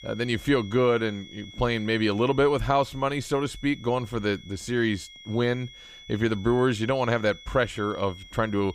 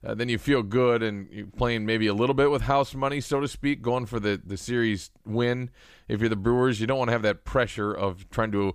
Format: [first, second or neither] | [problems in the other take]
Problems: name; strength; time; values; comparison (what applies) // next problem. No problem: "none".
second | high-pitched whine; noticeable; throughout; 3.5 kHz, 20 dB below the speech